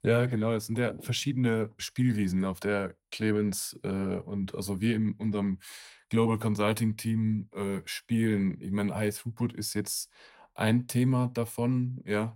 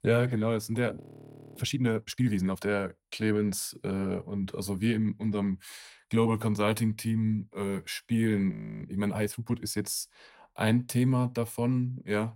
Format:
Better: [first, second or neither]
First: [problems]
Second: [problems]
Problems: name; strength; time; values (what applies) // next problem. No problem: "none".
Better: first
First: none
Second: audio freezing; at 1 s for 0.5 s and at 8.5 s